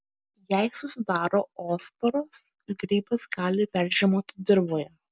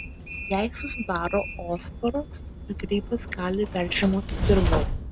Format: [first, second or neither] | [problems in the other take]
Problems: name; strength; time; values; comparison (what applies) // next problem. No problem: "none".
first | background sound (Train); 2 dB below the speech